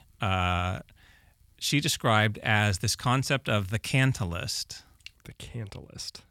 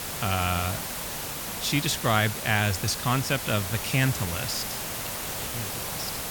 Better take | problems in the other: first | hiss; loud; throughout; 5 dB below the speech

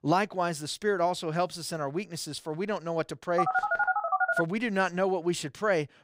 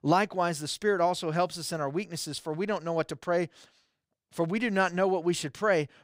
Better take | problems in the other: second | phone ringing; loud; from 3.5 to 4.5 s; peak 4 dB above the speech

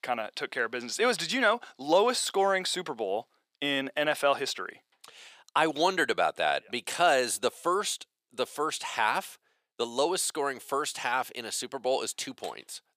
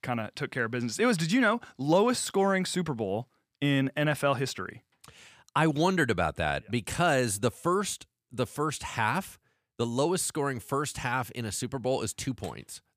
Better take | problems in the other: second | thin; somewhat; fading below 450 Hz

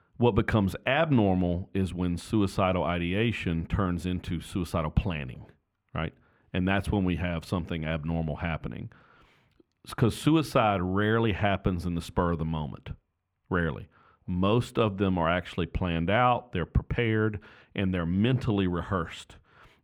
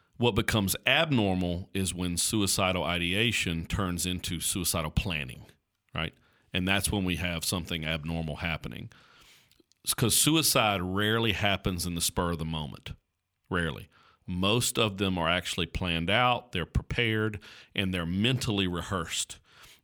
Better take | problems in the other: second | muffled; very; fading above 3 kHz

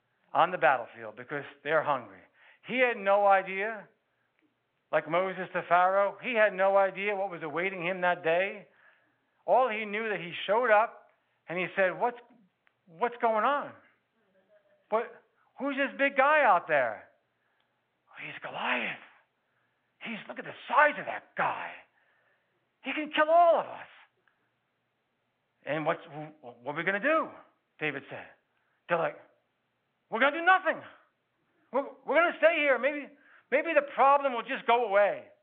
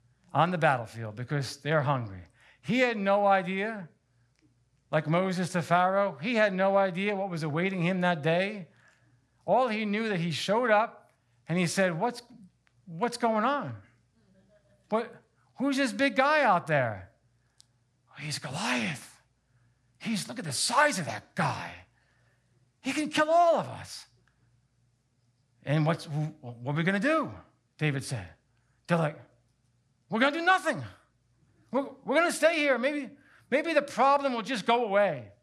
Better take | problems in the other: second | phone-call audio

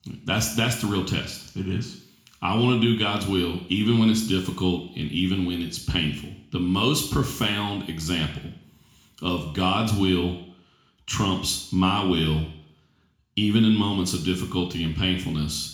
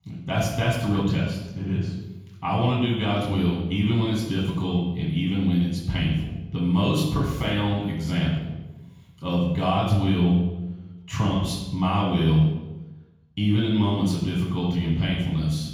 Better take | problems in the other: first | room echo; strong; dies away in 1.3 s; slight in the first // off-mic speech; far; somewhat distant in the first

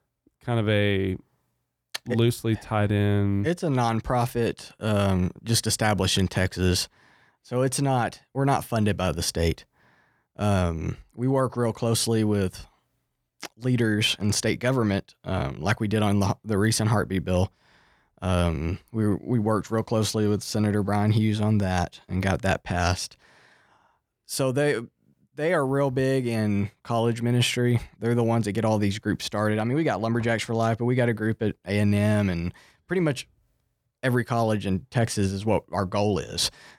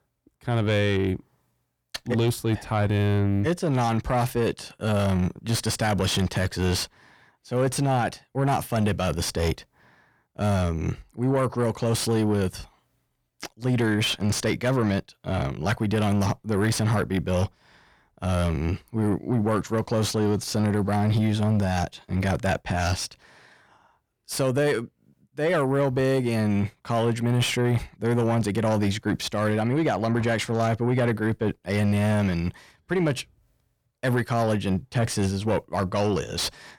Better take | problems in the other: first | distortion; slight; 10 dB below the speech

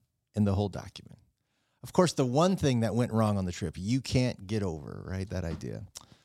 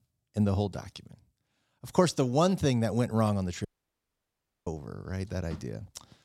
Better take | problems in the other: first | audio cutting out; at 3.5 s for 1 s

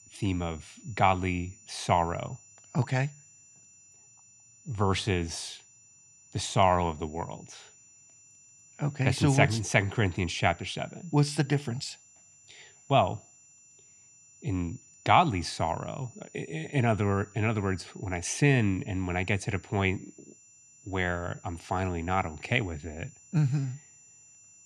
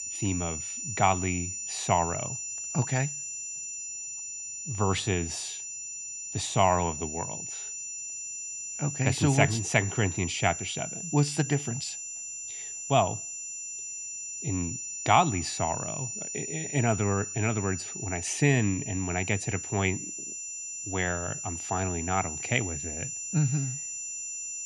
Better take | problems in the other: first | high-pitched whine; loud; throughout; 7 kHz, 5 dB below the speech; faint in the first

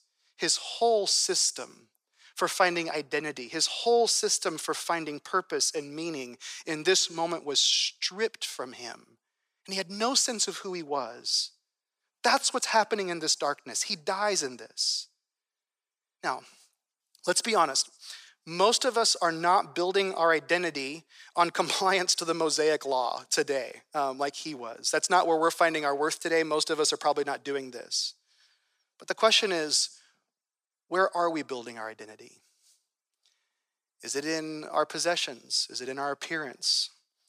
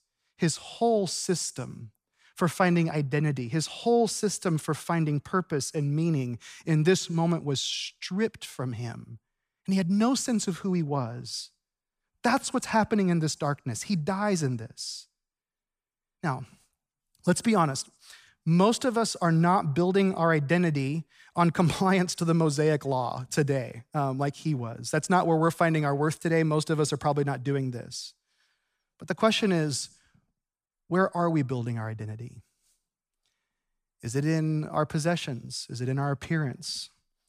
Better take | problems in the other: second | thin; very; fading below 400 Hz

